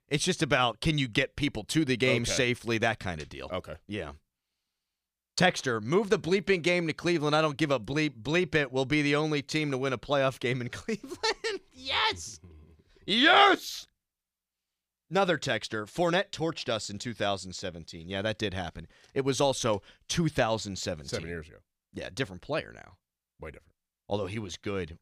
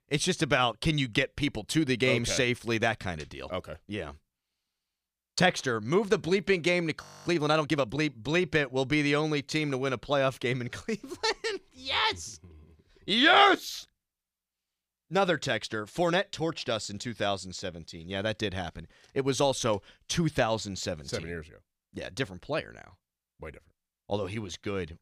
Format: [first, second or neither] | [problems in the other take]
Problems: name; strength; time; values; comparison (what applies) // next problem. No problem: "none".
first | audio freezing; at 7 s